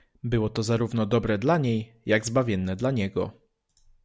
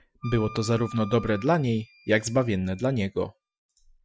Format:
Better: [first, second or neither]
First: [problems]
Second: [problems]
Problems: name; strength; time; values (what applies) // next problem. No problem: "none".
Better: first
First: none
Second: noise reduction (classical method Wiener filter)